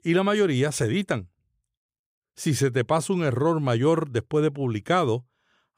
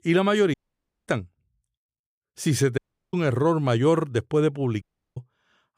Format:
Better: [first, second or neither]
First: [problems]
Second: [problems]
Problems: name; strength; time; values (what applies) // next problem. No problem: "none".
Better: first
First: none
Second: audio cutting out; at 0.5 s for 0.5 s, at 3 s and at 5 s